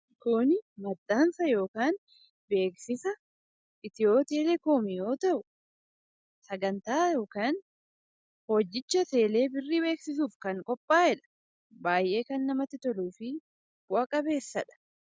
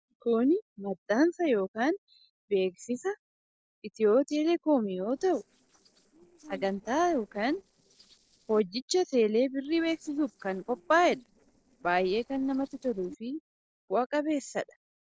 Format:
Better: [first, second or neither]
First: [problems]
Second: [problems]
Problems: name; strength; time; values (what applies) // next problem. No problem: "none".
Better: first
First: none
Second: noise reduction (neural separator model SepFormer DNS4)